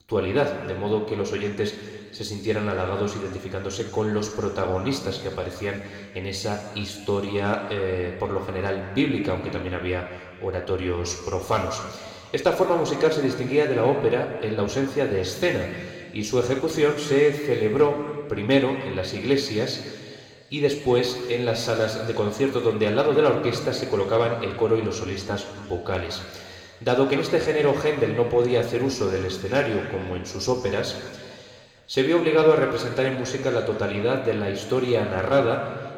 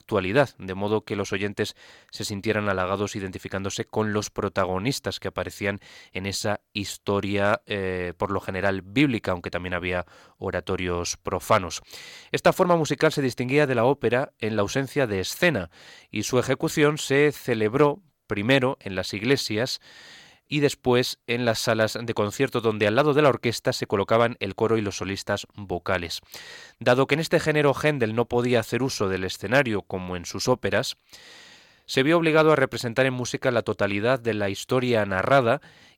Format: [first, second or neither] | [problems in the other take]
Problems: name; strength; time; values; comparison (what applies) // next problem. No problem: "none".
second | room echo; noticeable; dies away in 2 s // off-mic speech; somewhat distant